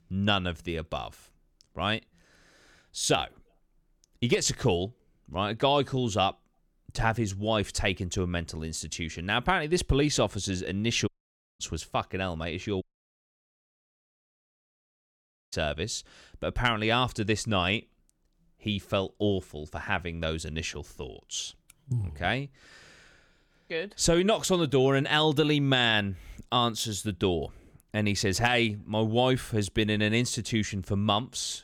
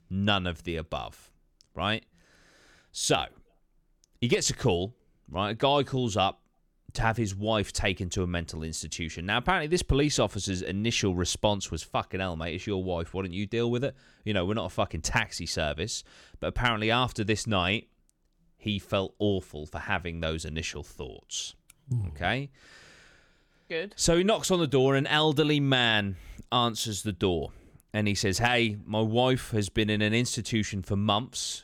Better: second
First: audio cutting out; at 11 s for 0.5 s and at 13 s for 2.5 s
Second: none

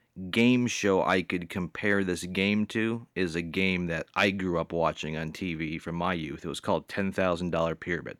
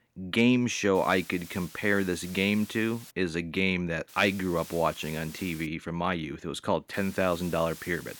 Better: first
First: none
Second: hiss; noticeable; from 1 to 3 s, from 4 to 5.5 s and from 7 s on; 15 dB below the speech

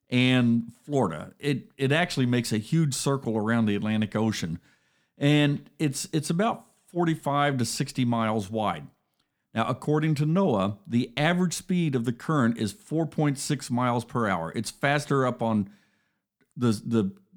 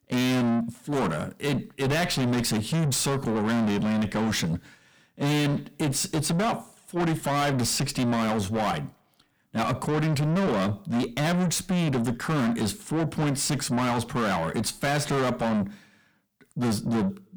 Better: first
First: none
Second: distortion; heavy; 6 dB below the speech

